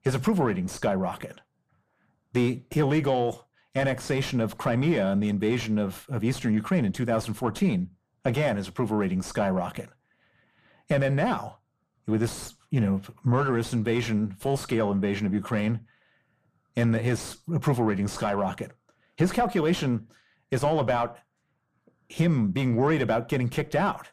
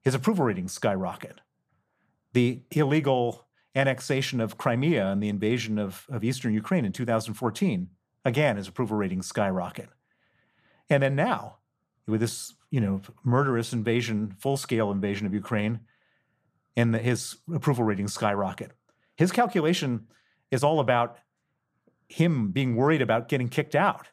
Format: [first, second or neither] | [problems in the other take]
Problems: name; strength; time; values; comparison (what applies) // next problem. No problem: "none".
second | distortion; slight; 10 dB below the speech